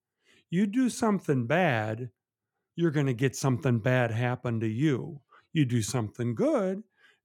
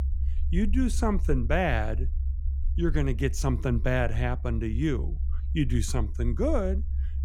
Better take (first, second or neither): first